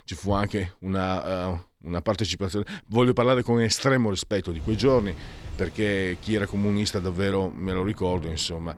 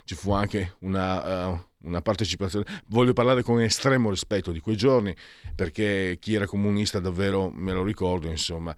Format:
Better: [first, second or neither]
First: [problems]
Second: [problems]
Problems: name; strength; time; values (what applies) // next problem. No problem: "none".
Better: second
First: rain or running water; noticeable; from 4.5 s on; 15 dB below the speech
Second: none